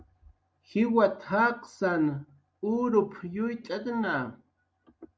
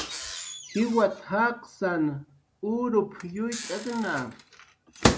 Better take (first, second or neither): first